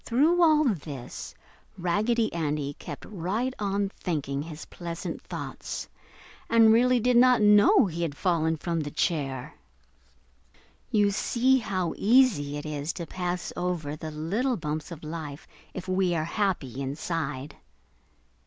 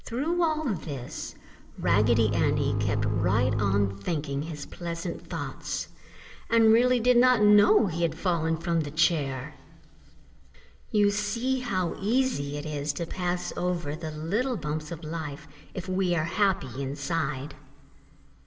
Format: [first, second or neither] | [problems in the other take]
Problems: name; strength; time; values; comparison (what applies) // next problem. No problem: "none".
first | background sound (Bowed string instrument); as loud as the speech // room echo; dies away in 2.1 s